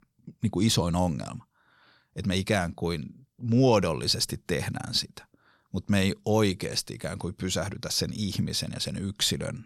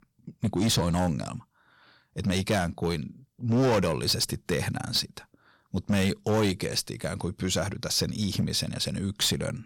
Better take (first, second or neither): first